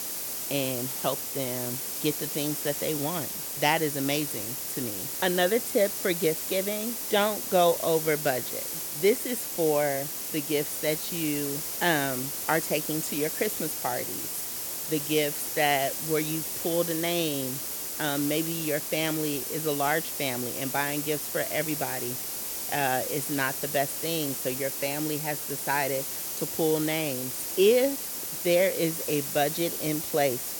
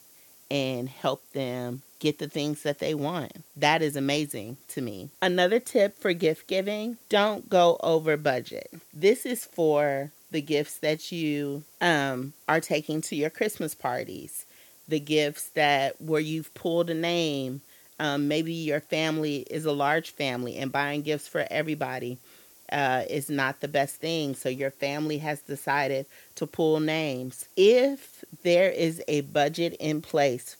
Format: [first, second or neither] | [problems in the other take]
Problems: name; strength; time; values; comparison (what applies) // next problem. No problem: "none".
second | hiss; loud; throughout; 2 dB below the speech; faint in the second